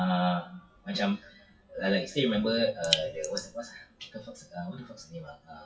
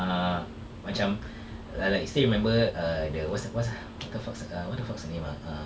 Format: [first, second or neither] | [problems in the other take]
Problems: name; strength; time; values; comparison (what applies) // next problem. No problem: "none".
second | noise reduction (classical method WPE with log-MMSE)